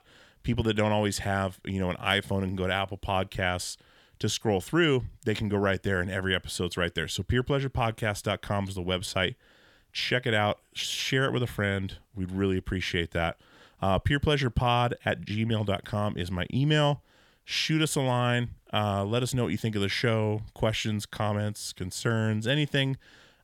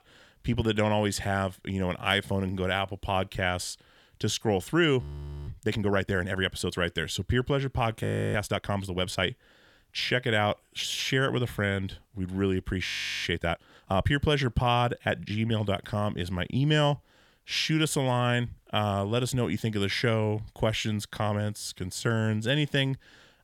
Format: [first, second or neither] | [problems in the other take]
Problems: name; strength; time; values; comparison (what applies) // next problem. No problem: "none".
first | audio freezing; at 5 s, at 8 s and at 13 s